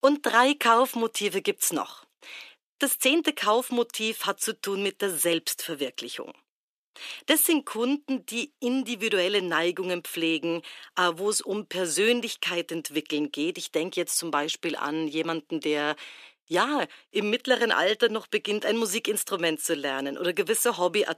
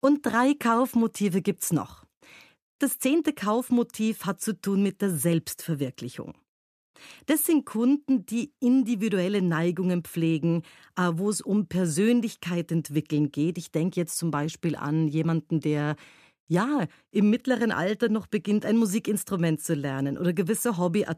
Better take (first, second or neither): second